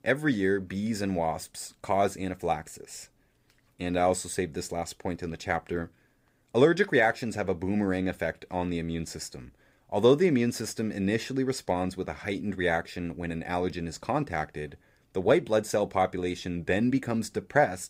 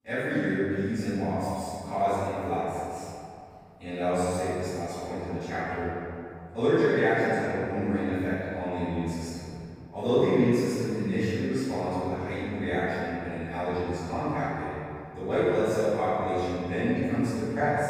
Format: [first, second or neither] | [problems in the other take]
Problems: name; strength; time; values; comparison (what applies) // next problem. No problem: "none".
first | off-mic speech; far // room echo; strong; dies away in 2.5 s